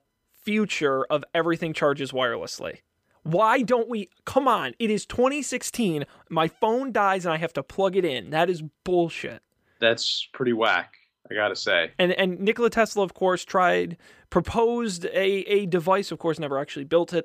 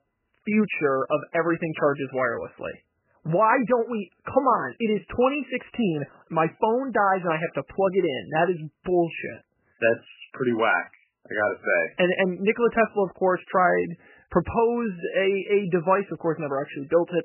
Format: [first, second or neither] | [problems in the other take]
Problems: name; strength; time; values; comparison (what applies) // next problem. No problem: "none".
first | garbled, watery; badly; nothing above 3 kHz